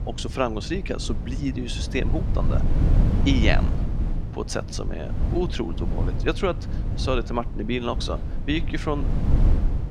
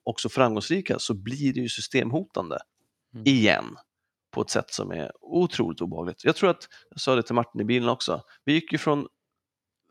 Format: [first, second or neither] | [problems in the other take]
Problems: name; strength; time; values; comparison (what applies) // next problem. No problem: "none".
second | low rumble; loud; throughout; 9 dB below the speech